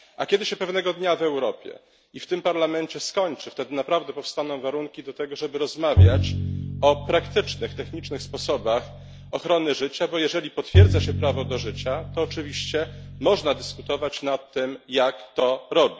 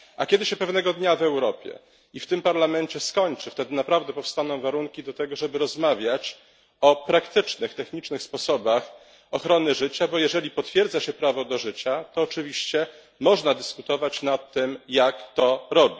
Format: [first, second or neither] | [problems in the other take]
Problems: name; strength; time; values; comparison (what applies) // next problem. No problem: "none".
second | background sound (Bowed string instrument); 2 dB above the speech